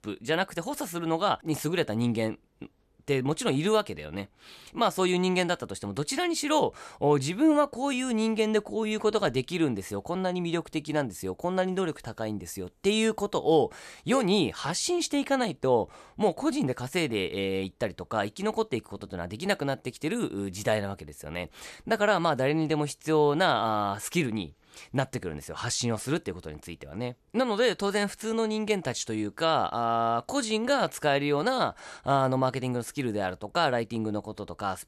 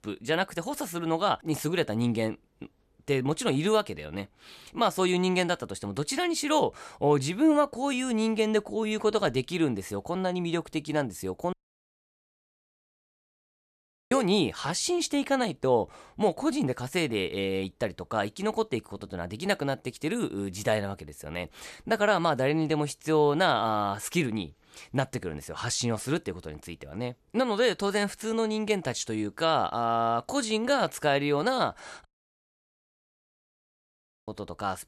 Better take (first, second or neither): first